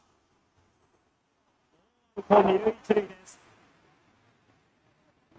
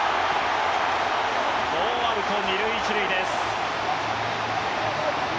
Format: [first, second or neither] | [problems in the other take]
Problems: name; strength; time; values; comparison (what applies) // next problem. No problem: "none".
second | noise reduction (neural mask model RNNoise)